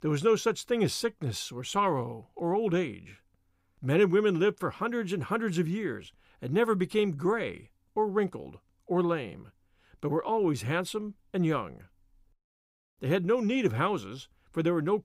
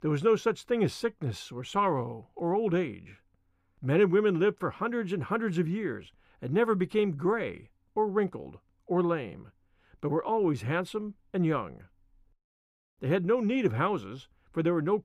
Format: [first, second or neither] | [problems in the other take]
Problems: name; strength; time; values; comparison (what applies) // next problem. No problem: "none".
first | muffled; slightly; fading above 3.5 kHz